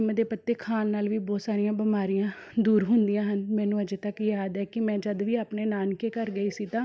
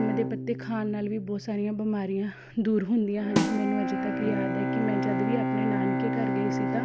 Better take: first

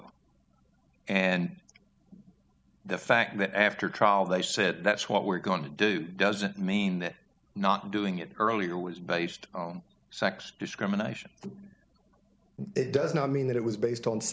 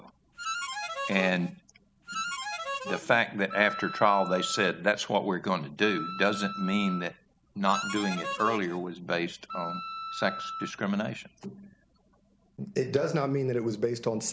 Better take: first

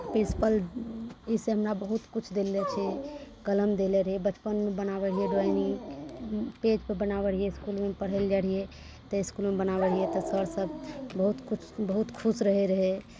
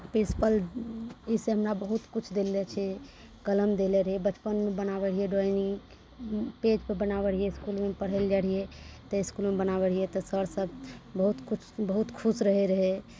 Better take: second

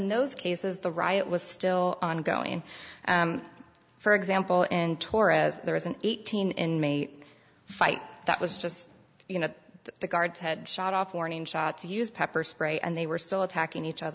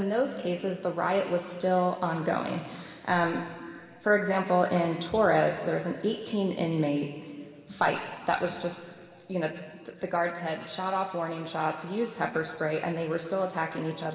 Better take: first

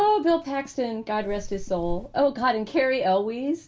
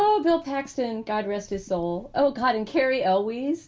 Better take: second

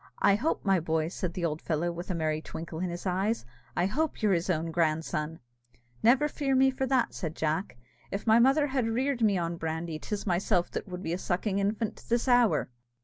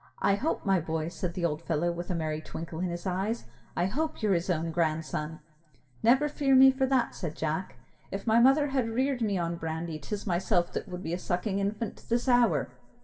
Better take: first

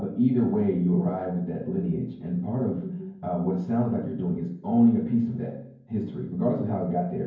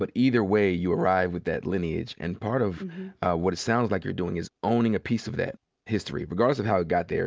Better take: second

